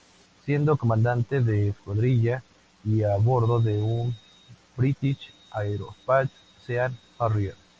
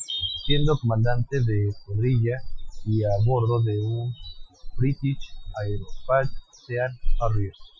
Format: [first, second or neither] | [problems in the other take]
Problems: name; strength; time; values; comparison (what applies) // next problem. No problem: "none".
first | noise reduction (classical method Wiener filter)